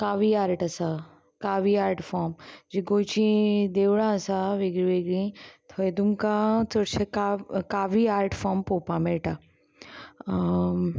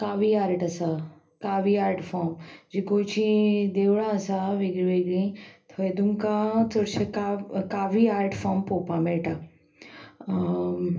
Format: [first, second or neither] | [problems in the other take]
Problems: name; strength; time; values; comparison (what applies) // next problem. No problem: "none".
first | room echo; dies away in 0.3 s